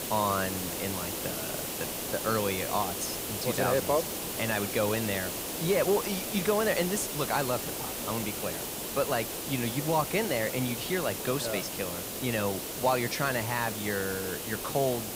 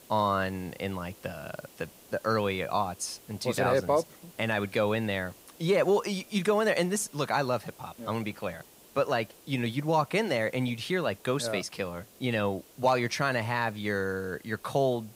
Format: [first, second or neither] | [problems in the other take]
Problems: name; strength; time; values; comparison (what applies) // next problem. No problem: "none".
second | hiss; loud; throughout; 2 dB below the speech; faint in the second